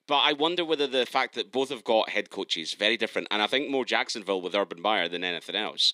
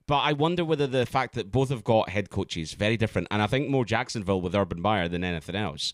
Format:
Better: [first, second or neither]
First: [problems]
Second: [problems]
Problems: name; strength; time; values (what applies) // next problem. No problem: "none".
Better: second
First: thin; somewhat; fading below 250 Hz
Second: none